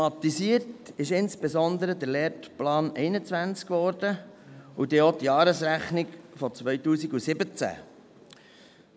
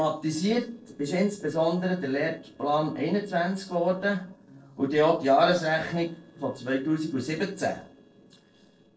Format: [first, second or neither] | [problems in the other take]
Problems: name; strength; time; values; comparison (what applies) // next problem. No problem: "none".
first | noise reduction (neural separator model SepFormer DNS4)